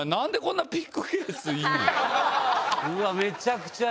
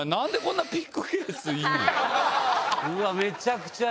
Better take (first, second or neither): first